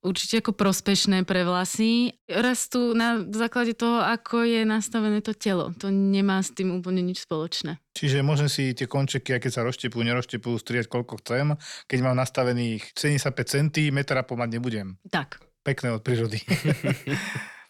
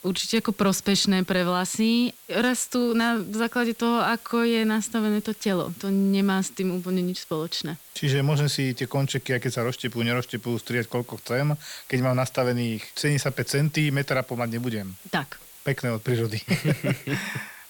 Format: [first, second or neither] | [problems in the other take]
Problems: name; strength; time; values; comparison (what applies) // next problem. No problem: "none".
first | hiss; noticeable; throughout; 20 dB below the speech